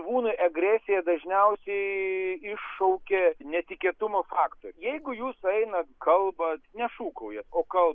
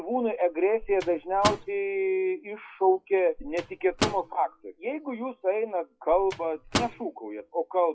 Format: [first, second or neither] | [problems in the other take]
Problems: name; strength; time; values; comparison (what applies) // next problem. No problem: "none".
first | noise reduction (classical method WPE with log-MMSE)